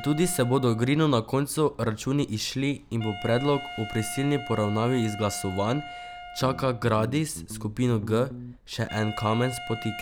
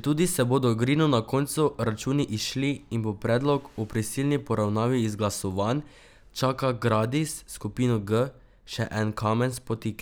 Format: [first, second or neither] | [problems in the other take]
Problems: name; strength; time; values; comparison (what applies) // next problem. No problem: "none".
second | background sound (Wind instrument, woodwind instrument + Guitar); 13 dB below the speech